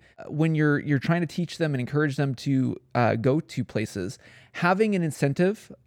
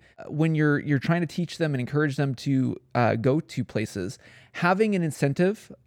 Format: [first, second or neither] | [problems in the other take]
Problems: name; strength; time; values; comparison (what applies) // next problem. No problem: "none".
neither | none